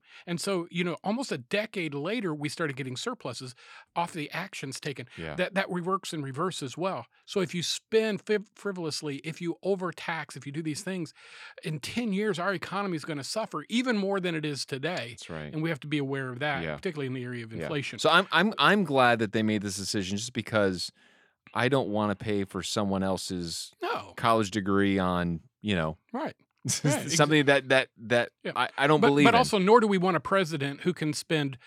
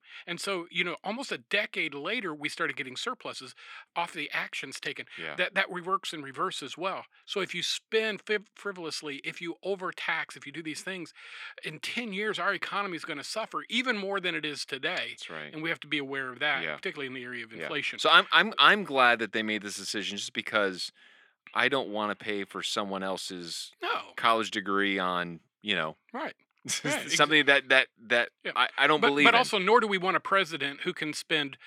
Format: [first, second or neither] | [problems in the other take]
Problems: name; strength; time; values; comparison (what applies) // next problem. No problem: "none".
first | thin; somewhat; fading below 250 Hz